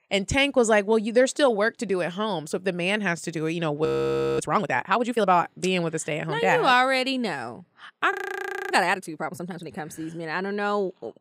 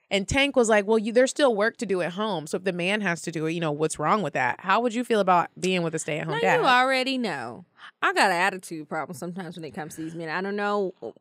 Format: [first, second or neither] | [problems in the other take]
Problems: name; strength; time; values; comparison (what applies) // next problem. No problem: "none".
second | audio freezing; at 4 s for 0.5 s and at 8 s for 0.5 s